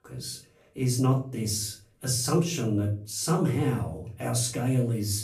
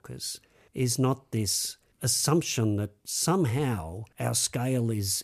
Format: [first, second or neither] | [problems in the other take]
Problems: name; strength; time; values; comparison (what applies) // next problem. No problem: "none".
second | off-mic speech; far // room echo; slight; dies away in 0.4 s